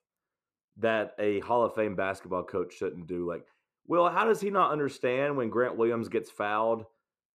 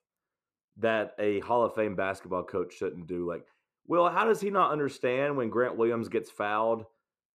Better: neither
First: muffled; slightly; fading above 3 kHz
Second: muffled; slightly; fading above 3 kHz

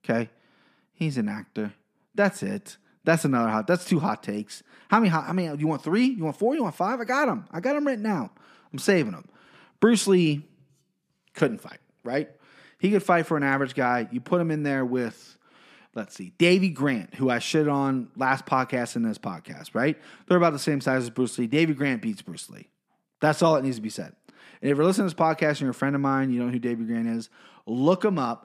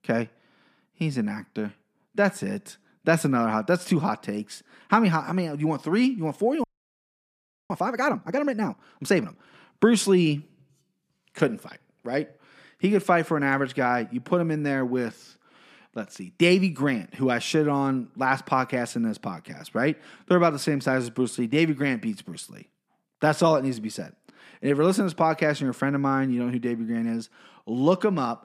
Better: first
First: none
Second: audio freezing; at 6.5 s for 1 s

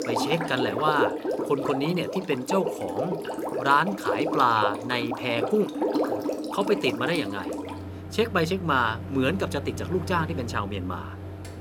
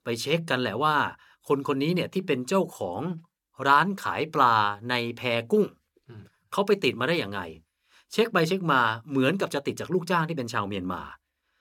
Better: second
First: household noises; loud; throughout; 5 dB below the speech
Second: none

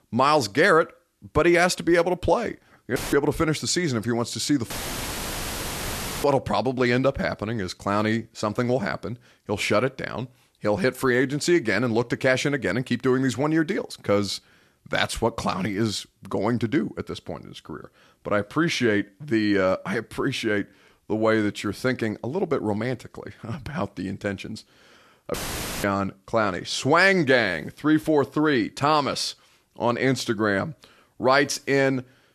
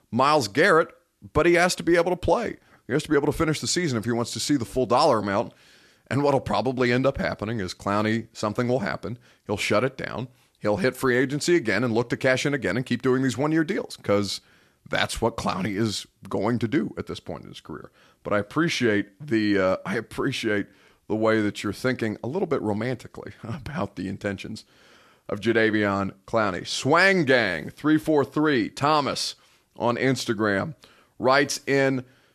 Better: second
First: audio cutting out; filled with static; at 3 s, at 4.5 s for 1.5 s and at 25 s for 0.5 s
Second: none

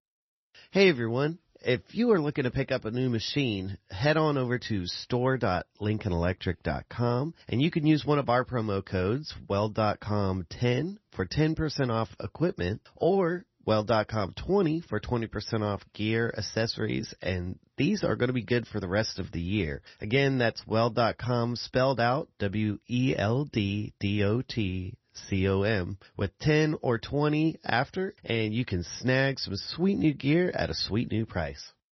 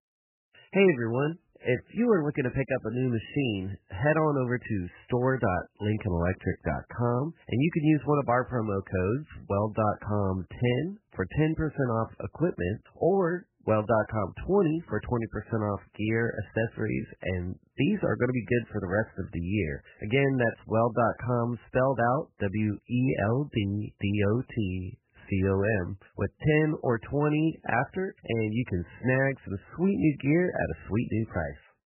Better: first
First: garbled, watery; slightly; nothing above 6 kHz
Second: garbled, watery; badly; nothing above 3 kHz

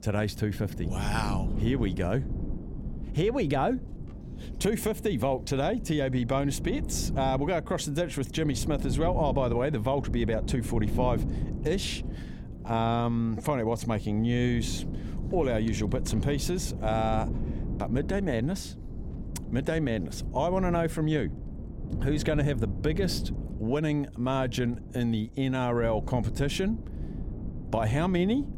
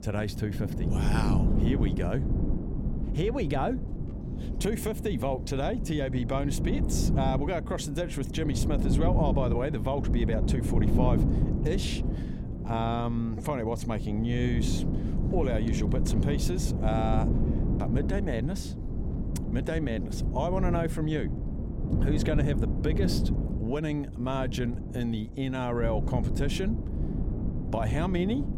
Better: first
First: wind noise on the microphone; occasional gusts; 15 dB below the speech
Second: wind noise on the microphone; heavy; 6 dB below the speech

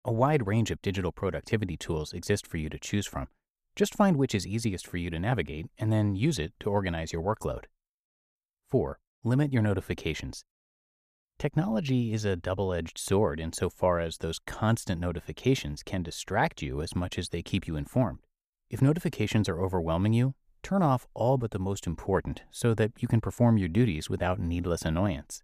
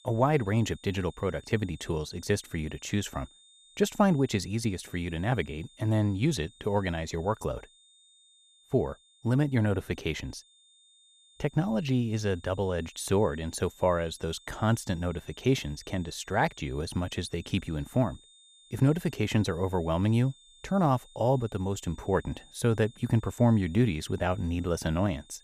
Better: first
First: none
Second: high-pitched whine; faint; throughout; 3.5 kHz, 25 dB below the speech

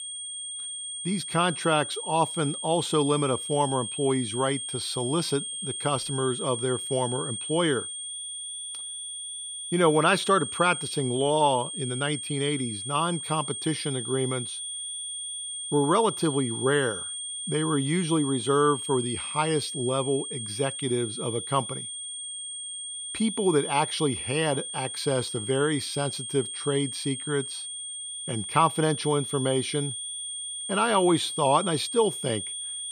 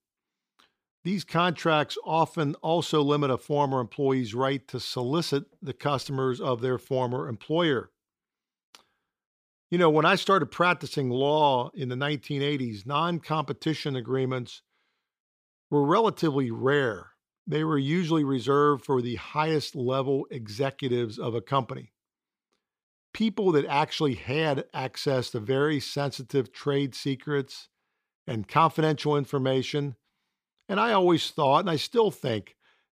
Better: second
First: high-pitched whine; loud; throughout; 9 kHz, 6 dB below the speech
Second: none

